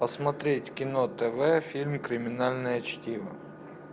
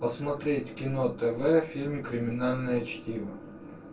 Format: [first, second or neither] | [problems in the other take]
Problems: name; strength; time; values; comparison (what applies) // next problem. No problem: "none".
first | room echo; dies away in 0.2 s